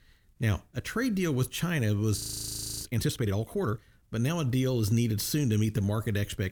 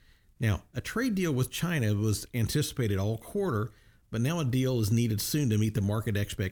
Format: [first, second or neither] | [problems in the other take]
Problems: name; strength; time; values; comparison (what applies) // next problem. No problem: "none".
second | audio freezing; at 2 s for 0.5 s